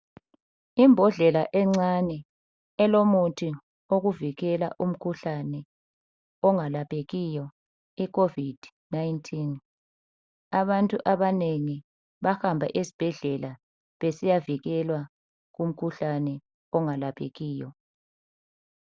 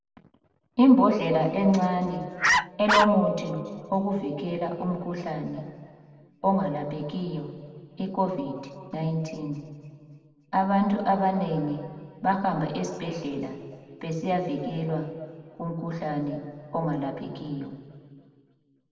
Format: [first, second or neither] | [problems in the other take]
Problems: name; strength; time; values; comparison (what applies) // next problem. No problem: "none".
first | background sound (Bark); 2 dB above the speech // room echo; dies away in 2.1 s